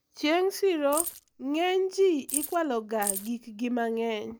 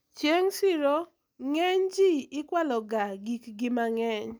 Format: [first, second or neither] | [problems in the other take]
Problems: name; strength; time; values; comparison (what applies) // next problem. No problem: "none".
second | background sound (Keys jangling); 6 dB below the speech